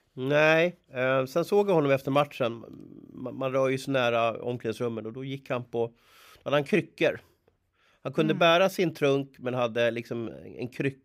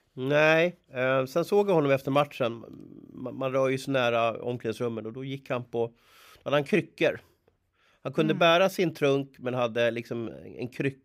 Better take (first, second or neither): neither